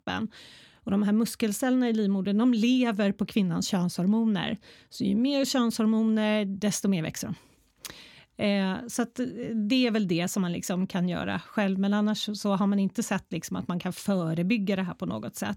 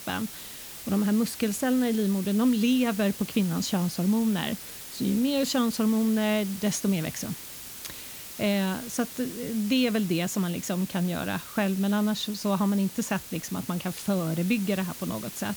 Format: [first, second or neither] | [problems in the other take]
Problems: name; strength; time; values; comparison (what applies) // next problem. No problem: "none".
first | hiss; noticeable; throughout; 10 dB below the speech